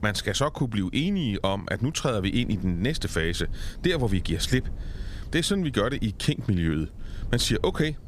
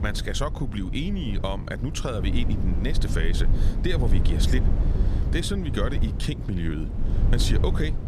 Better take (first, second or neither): first